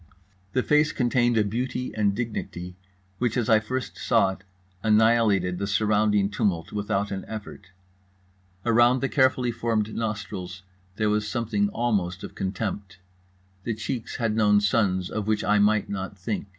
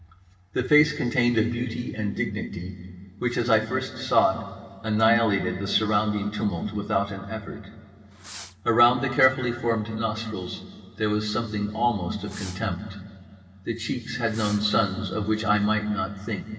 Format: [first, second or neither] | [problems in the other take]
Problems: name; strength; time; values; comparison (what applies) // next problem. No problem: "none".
first | background sound (Fireworks); 20 dB below the speech // room echo; dies away in 2.9 s